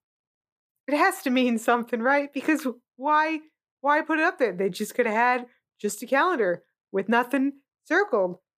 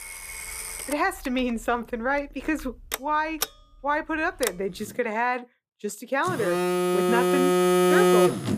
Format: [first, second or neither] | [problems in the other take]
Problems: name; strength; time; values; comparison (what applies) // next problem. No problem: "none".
first | alarms or sirens; very loud; throughout; 4 dB above the speech